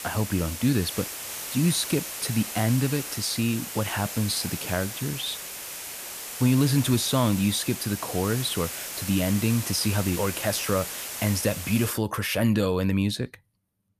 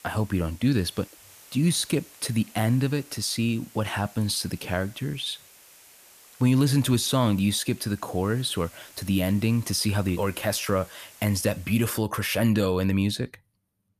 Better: second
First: hiss; loud; until 12 s; 7 dB below the speech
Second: hiss; faint; until 12 s; 25 dB below the speech

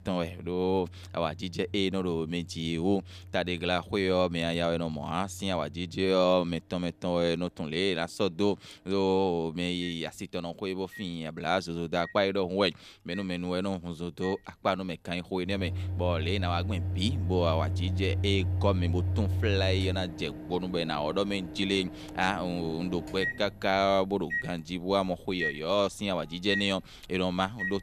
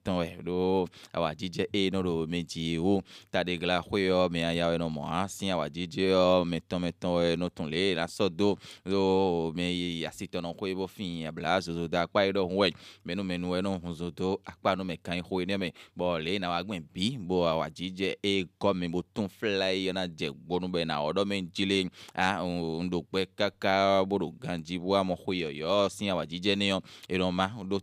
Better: second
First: household noises; loud; throughout; 4 dB below the speech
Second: none

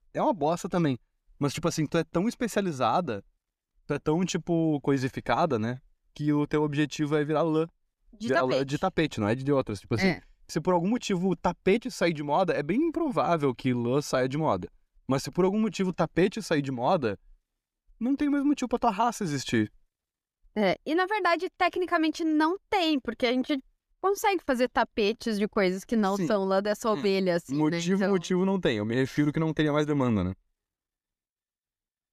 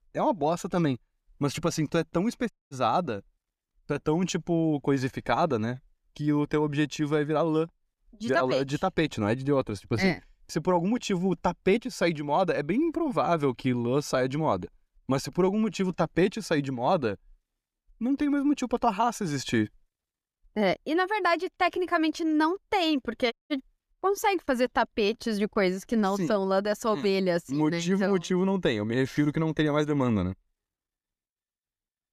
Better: first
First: none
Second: audio cutting out; at 2.5 s and at 23 s

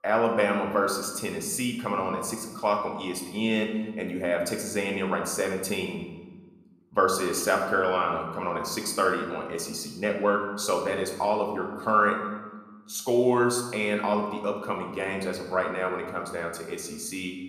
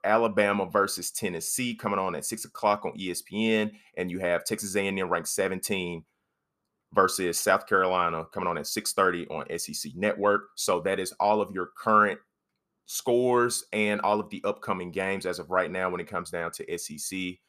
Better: second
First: room echo; slight; dies away in 1 s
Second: none

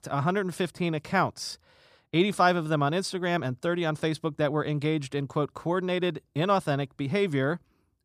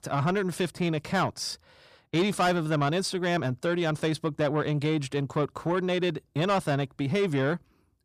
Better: first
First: none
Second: distortion; slight; 10 dB below the speech

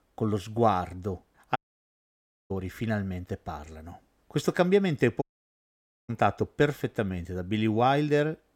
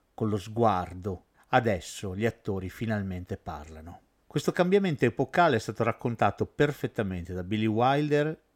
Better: second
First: audio cutting out; at 1.5 s for 1 s and at 5 s for 1 s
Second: none

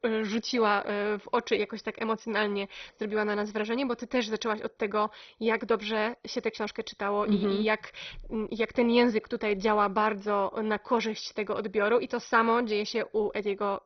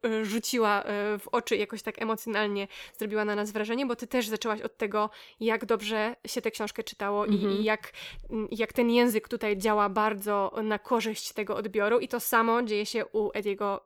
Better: second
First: garbled, watery; badly; nothing above 6 kHz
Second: none

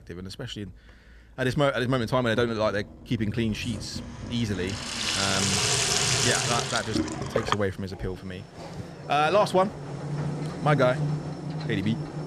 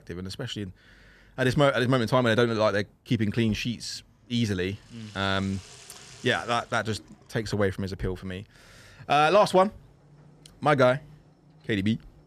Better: second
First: household noises; loud; throughout; 1 dB below the speech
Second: household noises; faint; throughout; 25 dB below the speech

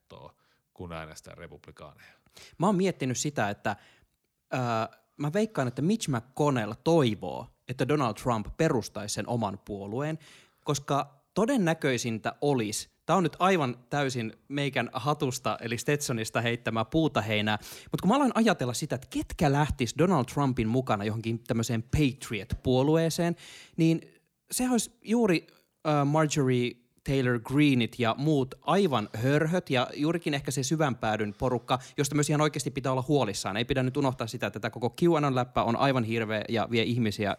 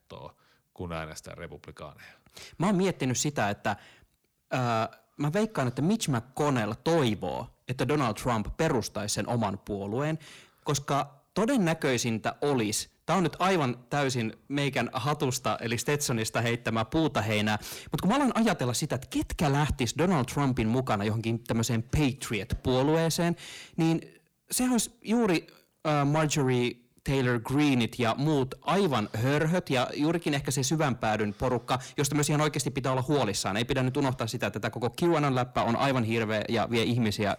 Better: first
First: none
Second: distortion; slight; 10 dB below the speech

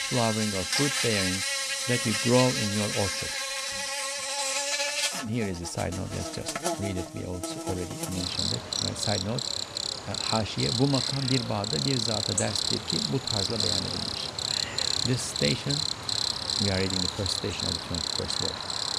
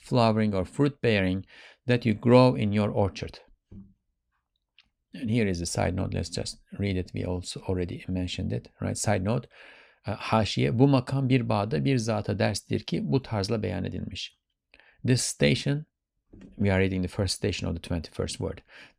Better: second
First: animal sounds; very loud; throughout; 3 dB above the speech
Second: none

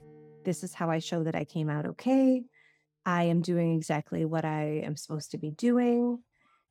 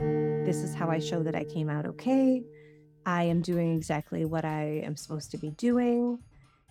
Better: first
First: background music; faint; throughout; 30 dB below the speech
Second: background music; loud; throughout; 5 dB below the speech

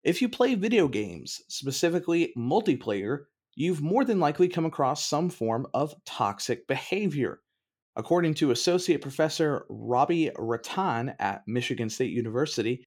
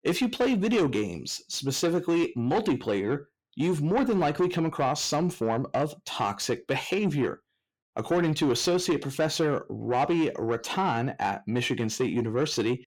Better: first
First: none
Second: distortion; slight; 10 dB below the speech

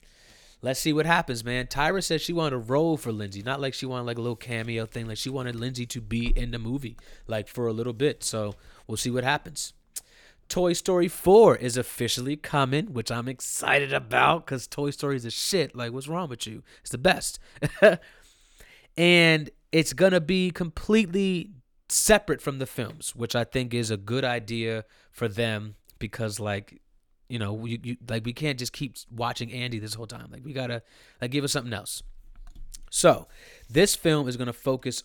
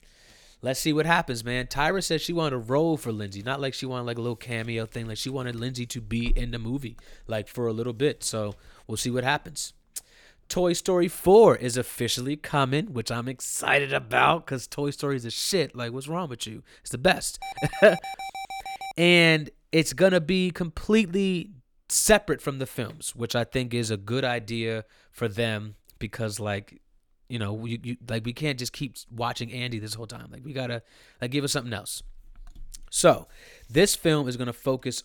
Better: first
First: none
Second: alarm; noticeable; from 17 to 19 s; peak 9 dB below the speech

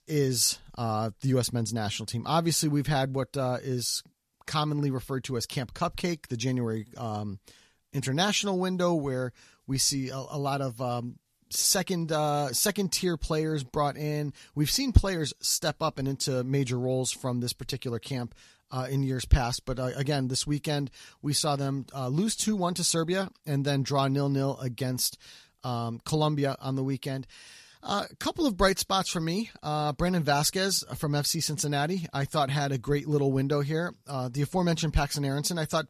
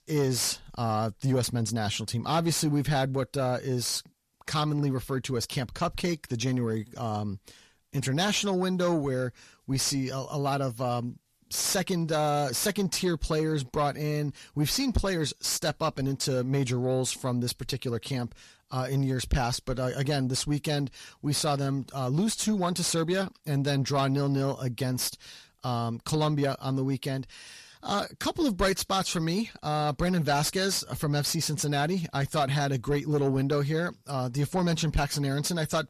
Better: first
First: none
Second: distortion; slight; 10 dB below the speech

